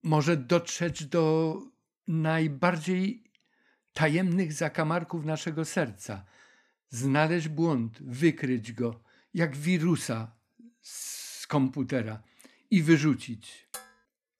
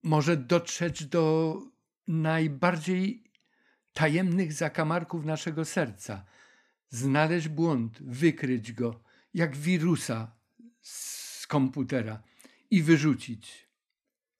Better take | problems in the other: second | clattering dishes; faint; at 14 s; peak 15 dB below the speech

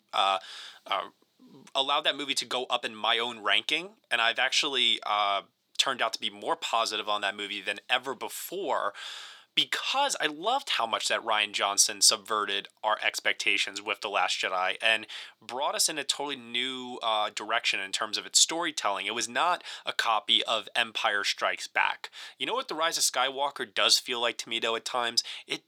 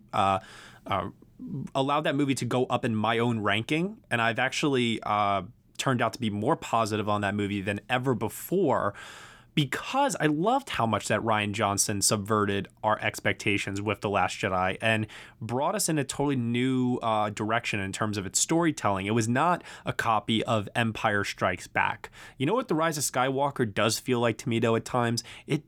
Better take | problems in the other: second | thin; very; fading below 600 Hz

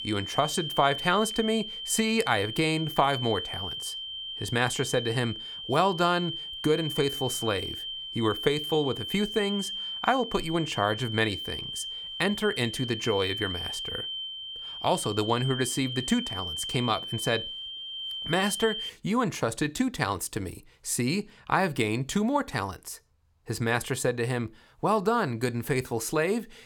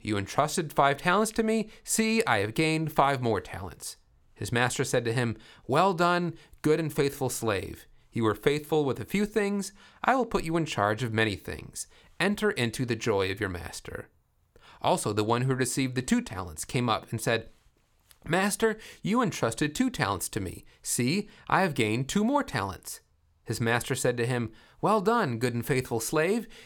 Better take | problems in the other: second | high-pitched whine; loud; until 19 s; 3 kHz, 6 dB below the speech

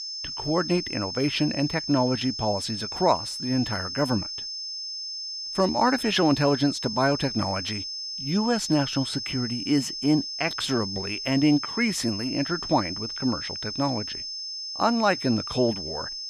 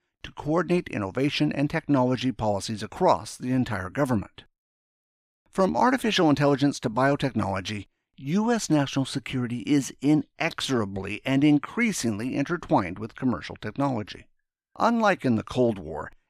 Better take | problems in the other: second | high-pitched whine; loud; throughout; 5 kHz, 5 dB below the speech

